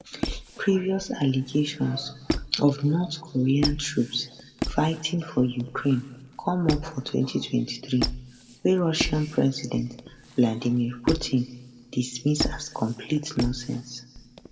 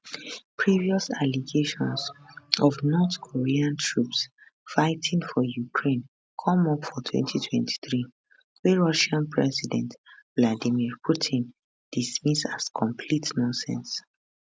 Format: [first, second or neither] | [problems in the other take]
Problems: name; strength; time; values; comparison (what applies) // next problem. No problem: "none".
second | background sound (Squeak); 9 dB below the speech // room echo; dies away in 1.3 s